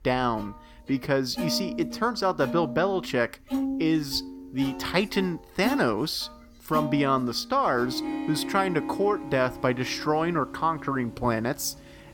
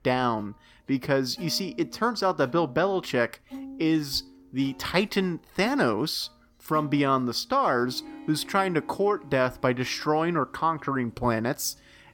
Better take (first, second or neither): second